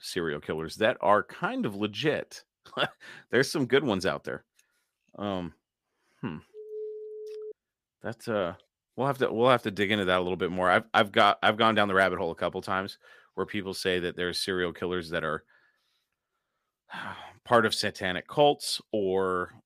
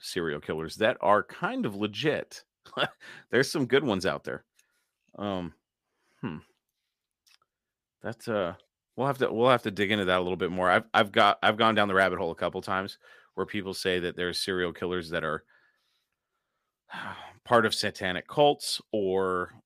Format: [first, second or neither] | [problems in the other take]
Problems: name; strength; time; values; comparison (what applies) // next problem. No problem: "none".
second | phone ringing; faint; at 6.5 s; peak 10 dB below the speech